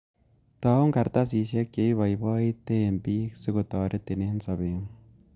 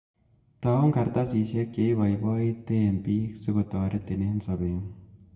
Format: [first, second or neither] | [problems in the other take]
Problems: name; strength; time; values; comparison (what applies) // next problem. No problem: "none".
first | room echo; dies away in 0.6 s